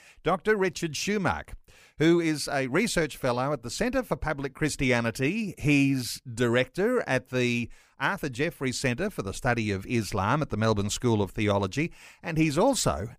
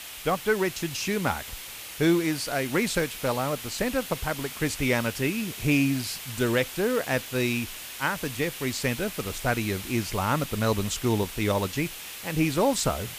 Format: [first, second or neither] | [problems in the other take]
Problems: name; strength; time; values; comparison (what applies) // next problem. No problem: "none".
first | hiss; loud; throughout; 9 dB below the speech